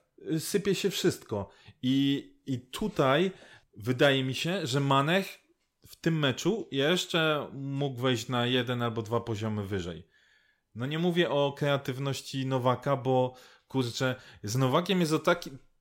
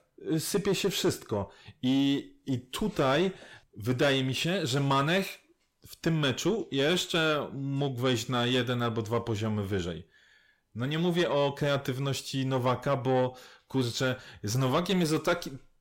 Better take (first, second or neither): first